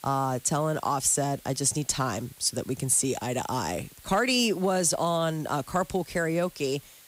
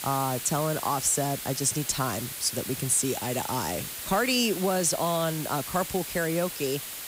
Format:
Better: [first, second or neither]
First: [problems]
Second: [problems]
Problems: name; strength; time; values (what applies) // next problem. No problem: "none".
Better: first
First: hiss; faint; throughout; 25 dB below the speech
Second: hiss; loud; throughout; 7 dB below the speech